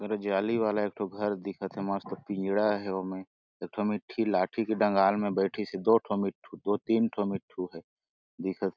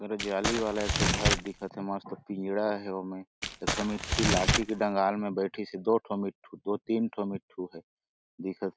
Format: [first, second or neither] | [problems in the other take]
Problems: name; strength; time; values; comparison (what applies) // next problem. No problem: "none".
first | background sound (Crumpling, crinkling); 2 dB above the speech